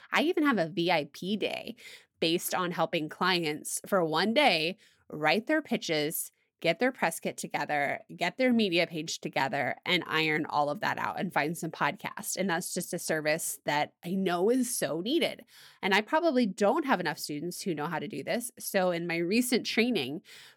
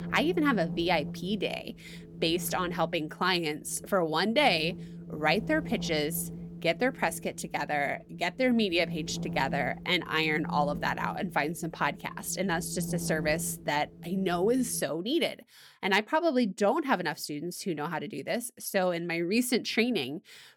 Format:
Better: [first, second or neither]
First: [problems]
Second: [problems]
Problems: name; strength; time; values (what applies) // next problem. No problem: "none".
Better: first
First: none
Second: wind noise on the microphone; occasional gusts; until 15 s; 20 dB below the speech